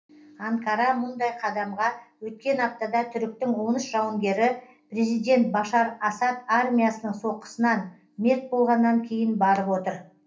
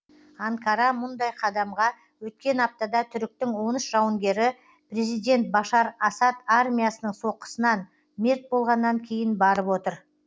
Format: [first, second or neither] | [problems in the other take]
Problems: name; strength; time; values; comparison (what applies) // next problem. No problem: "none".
second | room echo; dies away in 0.3 s